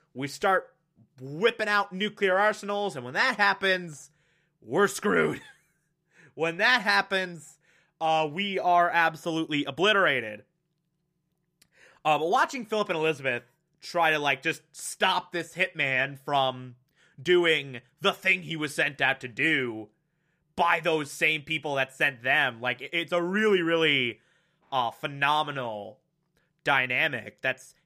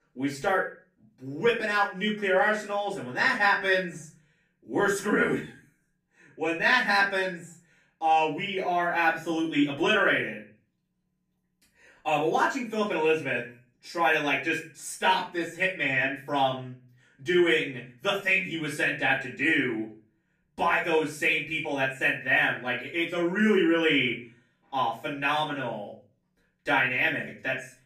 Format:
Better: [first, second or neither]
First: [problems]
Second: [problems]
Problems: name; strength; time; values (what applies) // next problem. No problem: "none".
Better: first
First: none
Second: off-mic speech; far // room echo; slight; dies away in 0.3 s